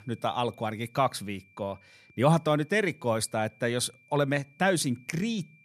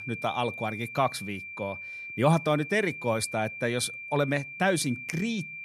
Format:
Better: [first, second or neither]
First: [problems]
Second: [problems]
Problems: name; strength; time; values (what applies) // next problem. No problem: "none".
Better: first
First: high-pitched whine; faint; throughout; 2.5 kHz, 30 dB below the speech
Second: high-pitched whine; loud; throughout; 2.5 kHz, 9 dB below the speech